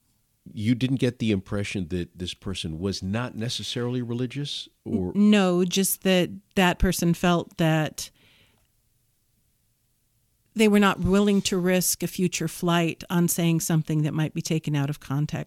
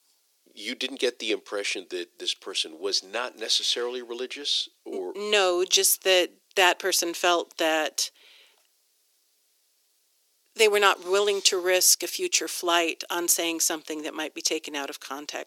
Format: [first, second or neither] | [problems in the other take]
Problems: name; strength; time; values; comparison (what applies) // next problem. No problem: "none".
first | thin; very; fading below 350 Hz